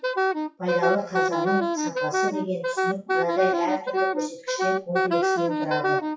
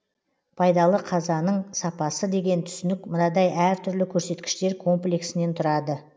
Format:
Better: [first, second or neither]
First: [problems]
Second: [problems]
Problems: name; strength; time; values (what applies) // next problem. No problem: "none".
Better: second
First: noise reduction (classical method WPE with log-MMSE)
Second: none